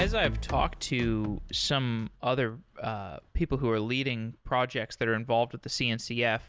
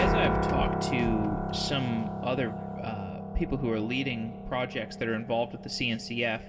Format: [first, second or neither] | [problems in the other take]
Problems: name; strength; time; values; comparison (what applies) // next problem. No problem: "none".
first | background sound (Piano); 2 dB below the speech // room echo; dies away in 1.6 s